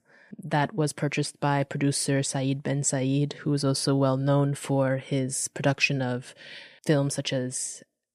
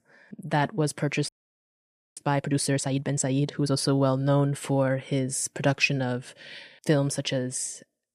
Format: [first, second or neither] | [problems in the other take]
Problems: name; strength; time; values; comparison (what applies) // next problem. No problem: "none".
first | audio freezing; at 1.5 s for 1 s